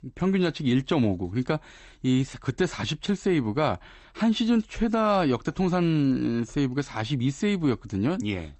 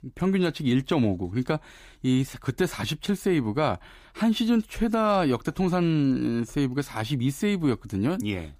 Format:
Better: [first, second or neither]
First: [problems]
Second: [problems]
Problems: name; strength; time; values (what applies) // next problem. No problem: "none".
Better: second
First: garbled, watery; slightly; nothing above 8 kHz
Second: none